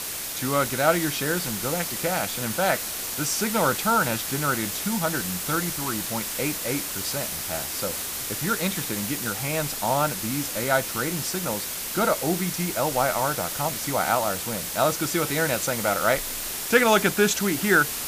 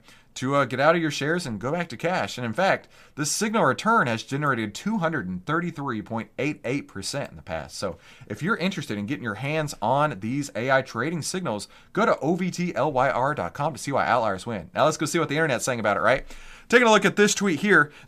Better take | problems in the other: second | hiss; loud; throughout; 2 dB below the speech

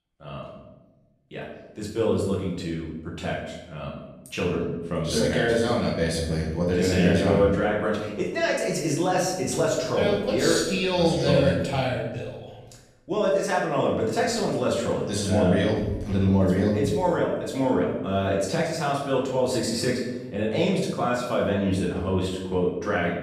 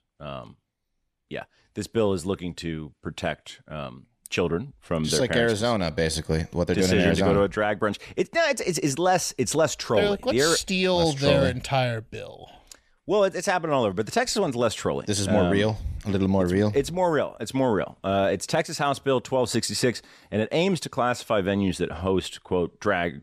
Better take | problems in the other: second | off-mic speech; far // room echo; noticeable; dies away in 0.9 s

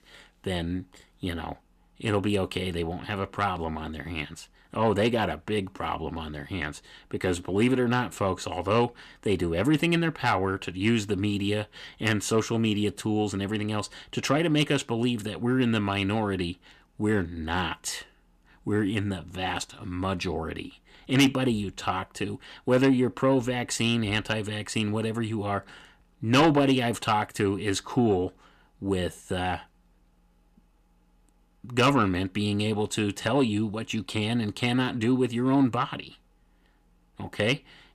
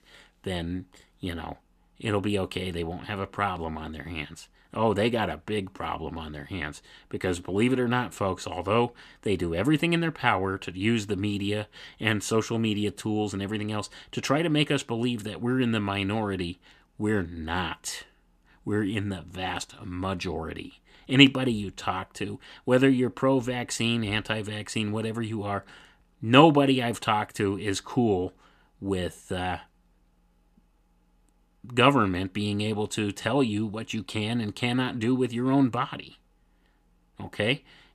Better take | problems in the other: second | distortion; slight; 10 dB below the speech

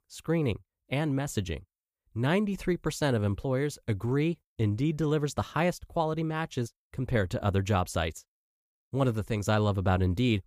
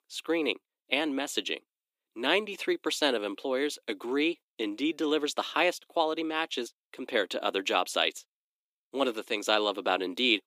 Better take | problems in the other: first | thin; somewhat; fading below 300 Hz

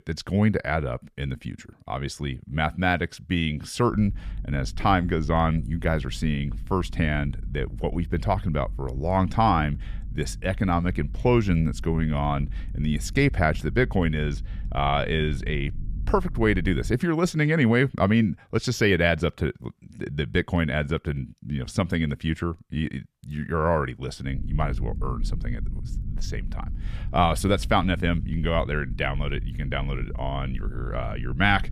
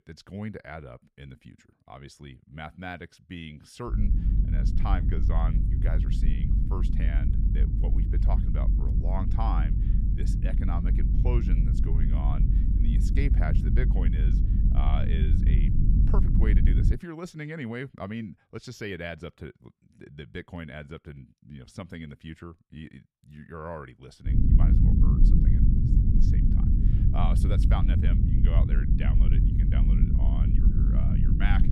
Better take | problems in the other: first | low rumble; loud; from 4 to 17 s and from 24 s on; as loud as the speech; faint in the first

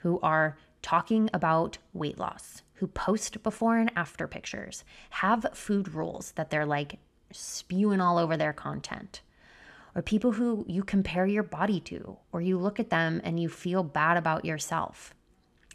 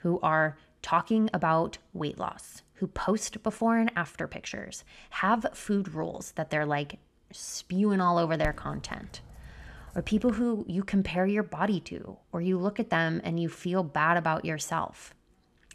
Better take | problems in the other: first | dog barking; faint; from 8.5 to 10 s; peak 15 dB below the speech

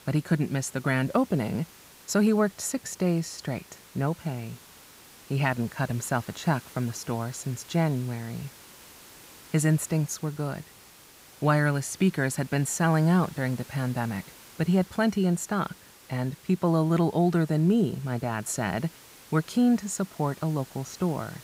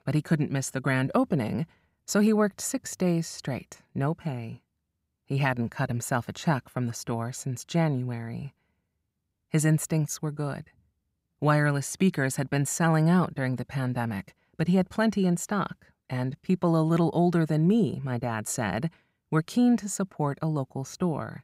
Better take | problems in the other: second | hiss; faint; throughout; 20 dB below the speech

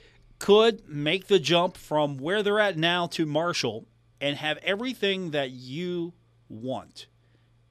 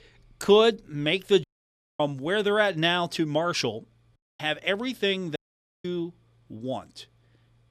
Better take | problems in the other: first | audio cutting out; at 1.5 s for 0.5 s, at 4 s and at 5.5 s

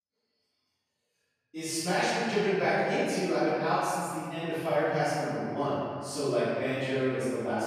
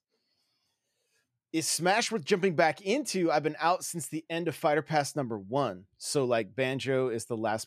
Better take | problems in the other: second | off-mic speech; far // room echo; strong; dies away in 1.9 s

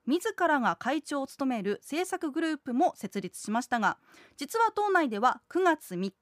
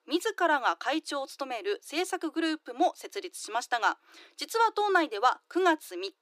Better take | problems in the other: first | thin; somewhat; fading below 300 Hz

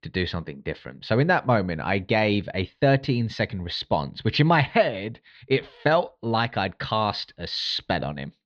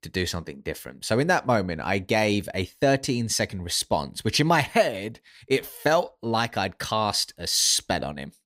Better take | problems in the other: second | muffled; very slightly; fading above 4 kHz

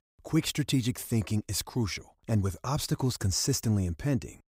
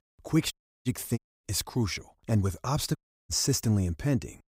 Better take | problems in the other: first | audio cutting out; at 0.5 s, at 1 s and at 3 s

